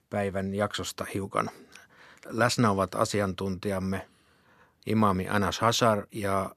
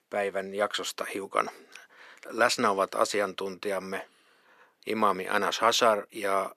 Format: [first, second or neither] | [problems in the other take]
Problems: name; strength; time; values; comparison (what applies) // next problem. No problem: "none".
first | thin; somewhat; fading below 400 Hz